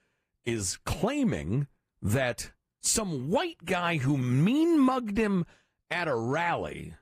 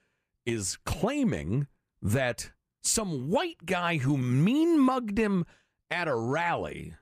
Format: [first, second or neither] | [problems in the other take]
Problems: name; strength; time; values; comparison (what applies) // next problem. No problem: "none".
second | garbled, watery; slightly; nothing above 15 kHz